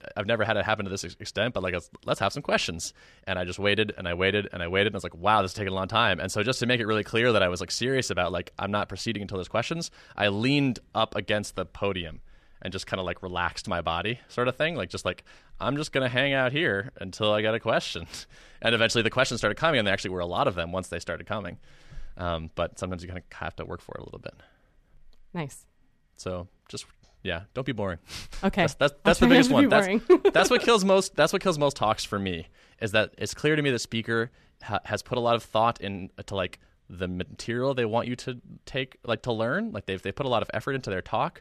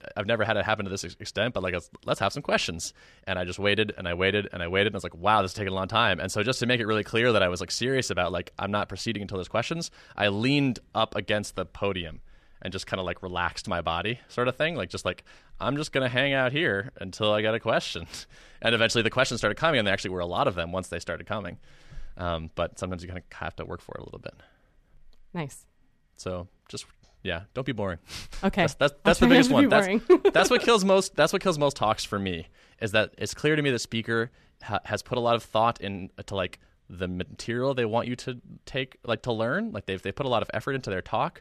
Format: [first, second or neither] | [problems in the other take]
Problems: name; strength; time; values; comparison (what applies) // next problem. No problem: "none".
neither | none